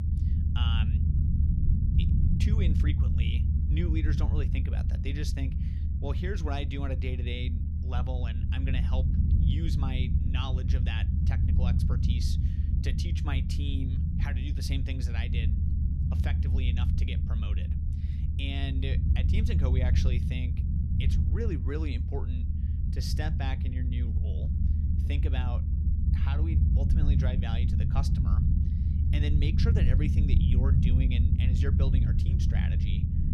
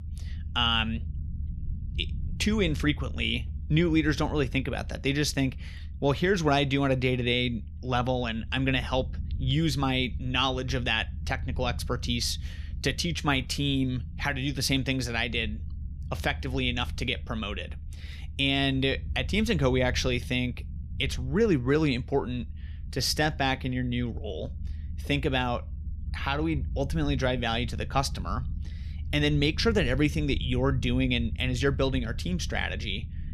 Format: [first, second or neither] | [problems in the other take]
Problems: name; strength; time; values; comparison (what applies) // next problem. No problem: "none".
second | low rumble; loud; throughout; 2 dB below the speech; faint in the second